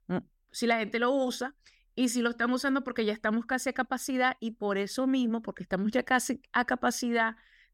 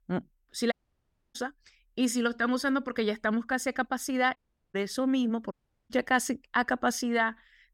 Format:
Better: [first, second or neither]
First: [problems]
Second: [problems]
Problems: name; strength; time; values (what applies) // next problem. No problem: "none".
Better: first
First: none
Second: audio cutting out; at 0.5 s for 0.5 s, at 4.5 s and at 5.5 s